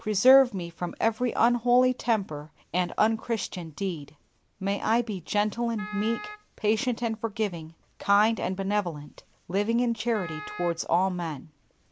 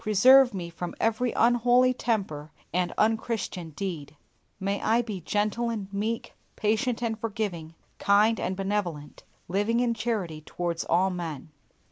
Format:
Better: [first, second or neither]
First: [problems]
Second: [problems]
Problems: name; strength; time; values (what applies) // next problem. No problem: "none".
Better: second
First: background sound (Wind instrument, woodwind instrument); 14 dB below the speech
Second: none